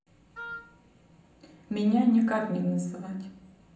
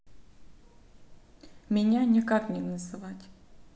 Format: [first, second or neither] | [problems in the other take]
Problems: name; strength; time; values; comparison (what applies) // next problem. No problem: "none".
second | background sound (Wind instrument, woodwind instrument); 13 dB below the speech // room echo; dies away in 0.6 s